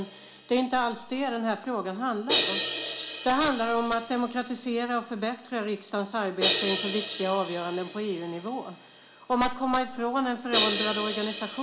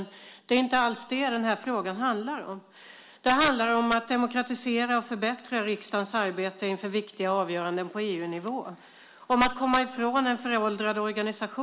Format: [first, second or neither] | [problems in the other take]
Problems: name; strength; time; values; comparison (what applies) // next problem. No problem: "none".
second | background sound (Crash cymbal); 5 dB below the speech // room echo; dies away in 0.5 s